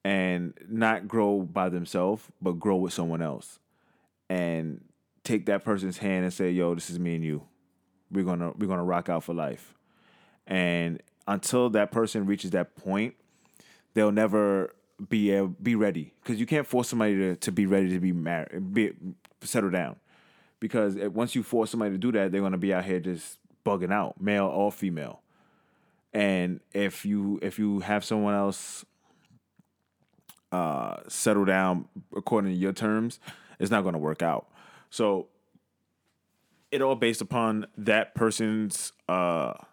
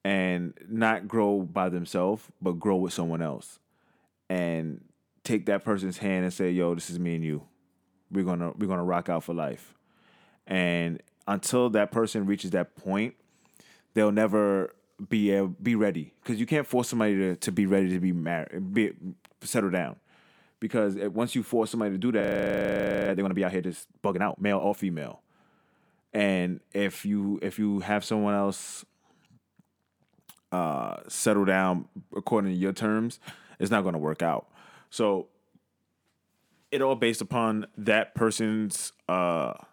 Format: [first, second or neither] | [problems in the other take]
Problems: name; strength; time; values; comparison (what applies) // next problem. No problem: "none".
first | audio freezing; at 22 s for 1 s